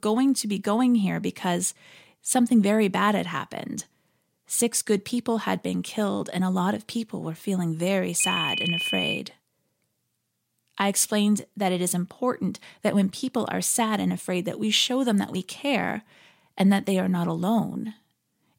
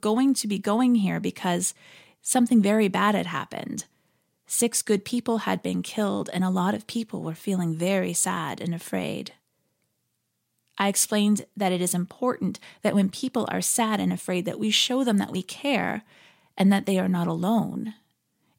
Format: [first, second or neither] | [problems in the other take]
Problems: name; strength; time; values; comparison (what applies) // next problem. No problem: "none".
second | phone ringing; loud; at 8 s; peak level with the speech